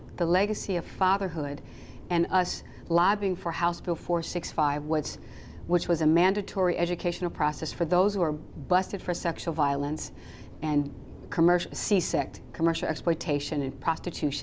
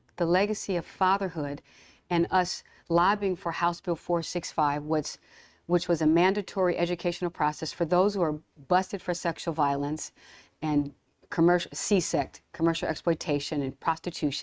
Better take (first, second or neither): first